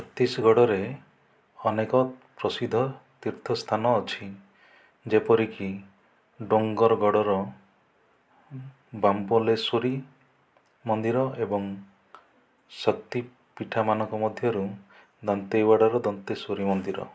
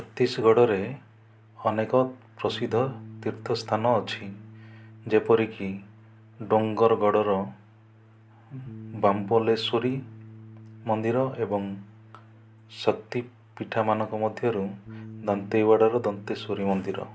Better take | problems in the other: first | background sound (Bass guitar); 19 dB below the speech

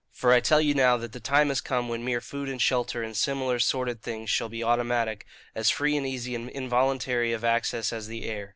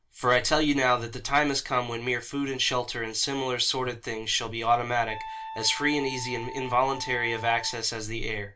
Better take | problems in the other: first | background sound (Wind instrument, woodwind instrument); 13 dB below the speech // room echo; dies away in 0.2 s

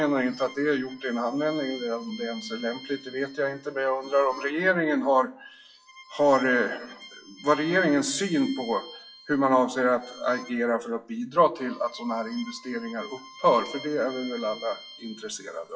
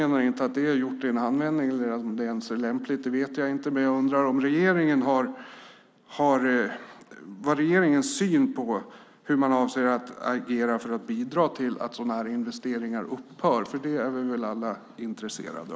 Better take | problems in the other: second | noise reduction (classical method WPE with log-MMSE)

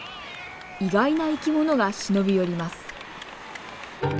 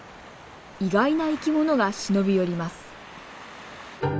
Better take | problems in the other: second | background sound (Cheering / Clapping); 17 dB below the speech

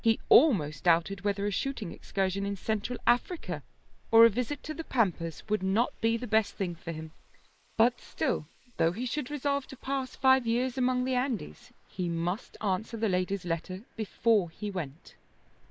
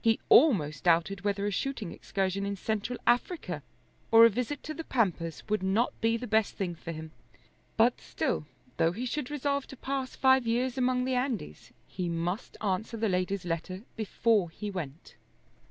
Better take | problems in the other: second | noise reduction (neural mask model Resemble Enhance denoiser)

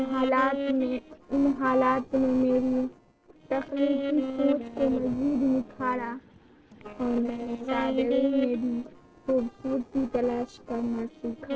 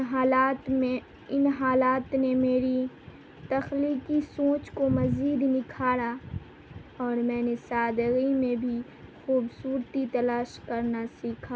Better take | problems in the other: second | noise reduction (neural separator model SepFormer DNS4)

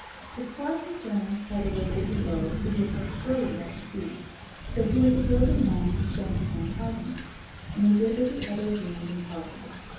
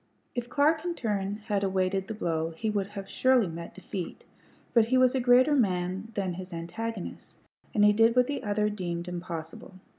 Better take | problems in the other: second | background sound (Thunder / Rain); 2 dB below the speech // room echo; dies away in 2.2 s

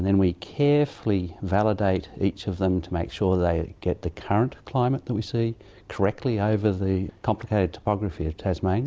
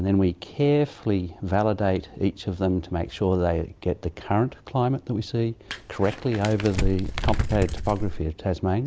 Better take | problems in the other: first | background sound (Crumpling, crinkling); 3 dB below the speech

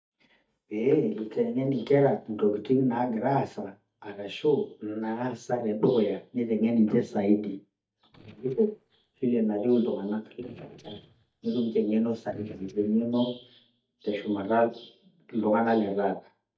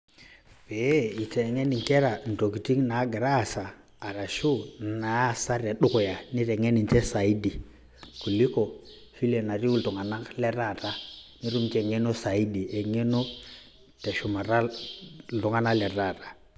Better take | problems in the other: second | noise reduction (neural mask model DeepFilterNet 3)

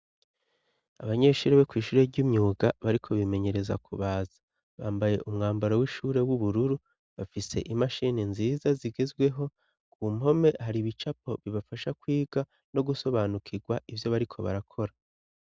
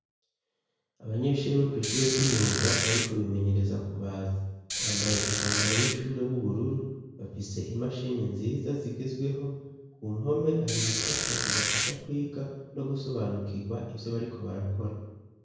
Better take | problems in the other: first | background sound (Squeak); 2 dB above the speech // room echo; dies away in 1 s

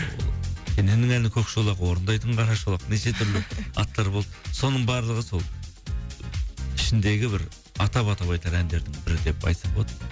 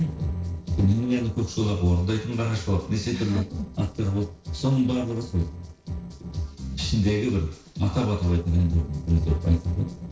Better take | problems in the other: first | noise reduction (neural separator model SepFormer DNS4)

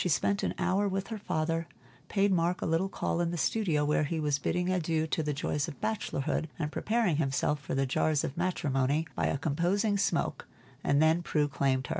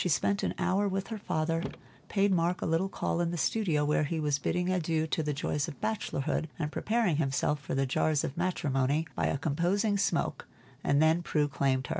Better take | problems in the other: first | background sound (Car); 19 dB below the speech

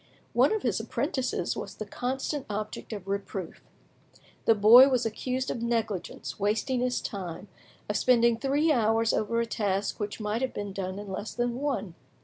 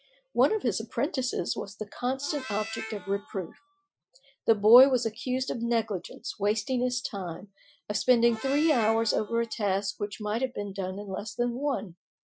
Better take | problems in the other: first | noise reduction (classical method Wiener filter)

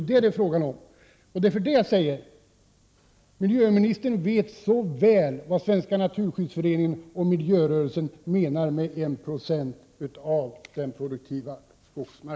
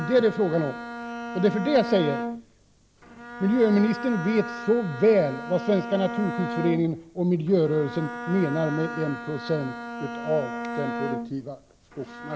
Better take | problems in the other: first | background sound (Bowed string instrument); 9 dB below the speech

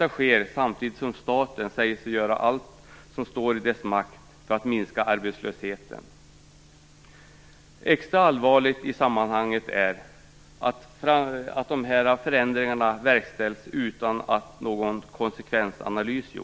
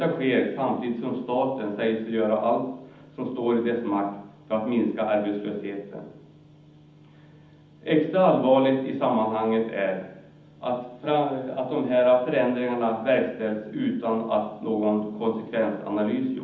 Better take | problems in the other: first | room echo; dies away in 0.8 s

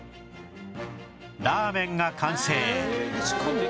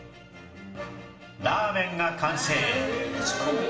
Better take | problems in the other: first | room echo; dies away in 1 s

